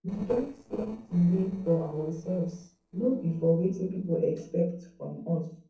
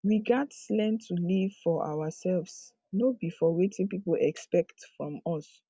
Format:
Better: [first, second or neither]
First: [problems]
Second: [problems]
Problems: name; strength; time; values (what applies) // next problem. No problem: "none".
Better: second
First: noise reduction (neural separator model SepFormer DNS4)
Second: none